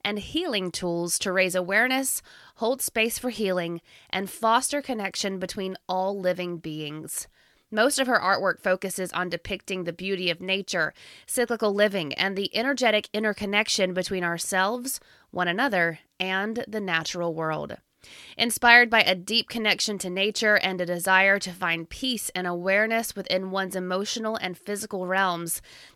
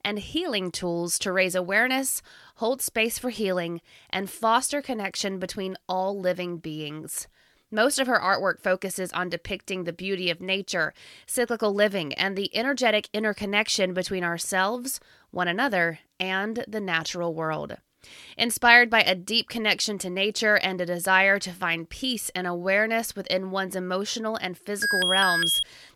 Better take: first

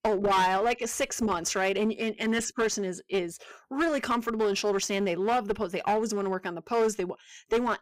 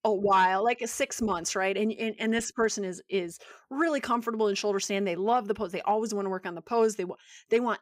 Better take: second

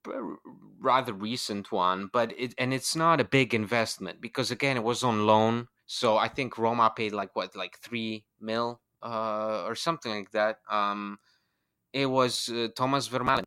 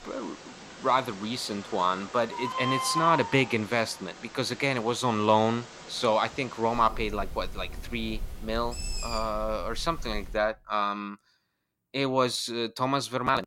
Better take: first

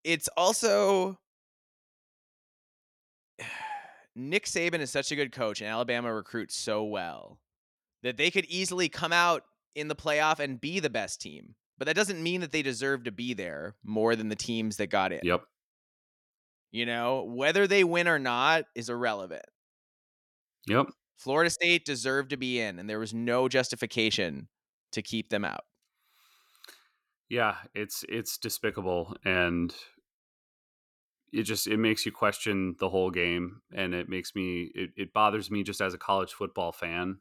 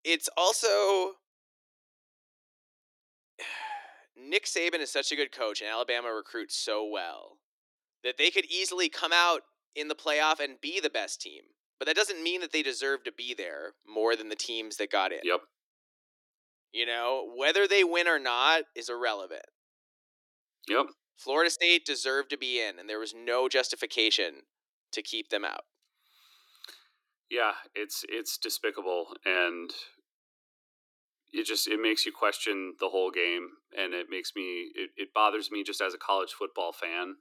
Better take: first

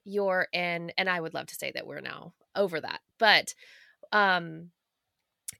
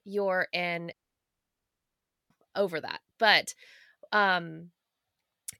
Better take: first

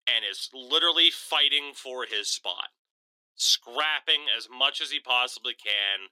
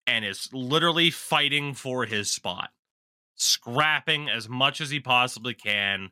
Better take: second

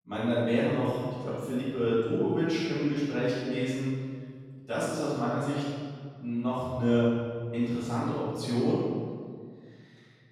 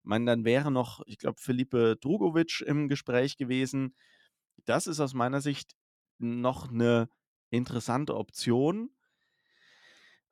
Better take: second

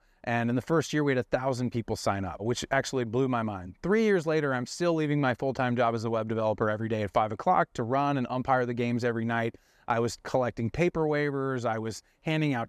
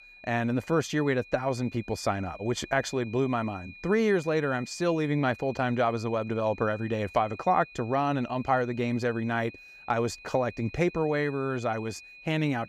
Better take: first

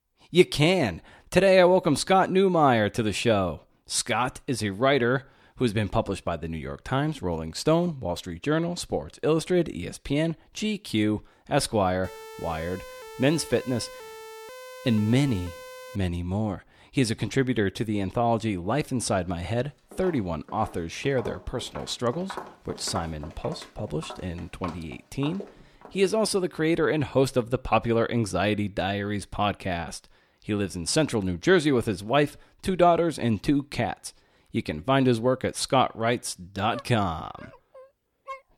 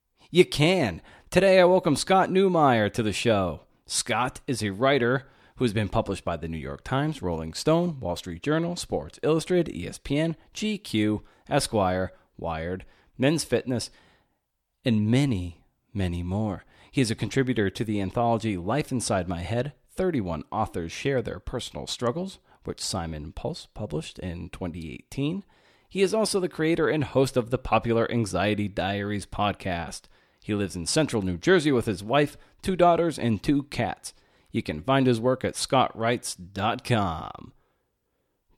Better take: second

